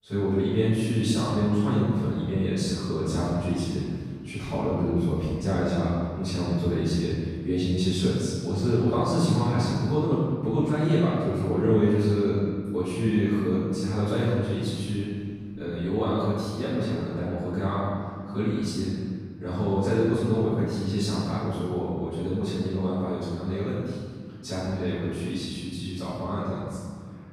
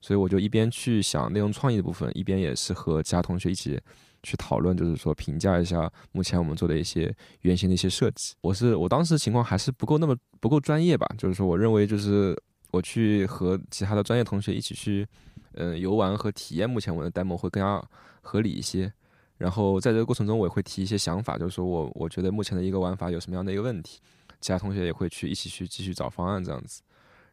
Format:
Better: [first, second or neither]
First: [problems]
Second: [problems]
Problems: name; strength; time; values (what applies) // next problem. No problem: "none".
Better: second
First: off-mic speech; far // room echo; strong; dies away in 1.8 s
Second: none